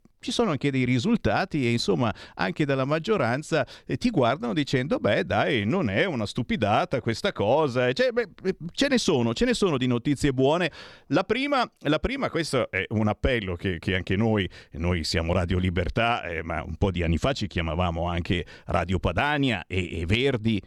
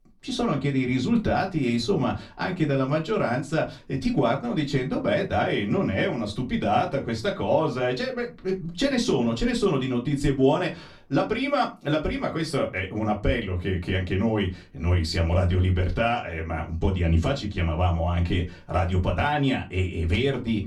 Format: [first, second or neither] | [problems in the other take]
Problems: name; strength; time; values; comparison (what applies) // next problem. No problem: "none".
first | off-mic speech; far // room echo; very slight; dies away in 0.2 s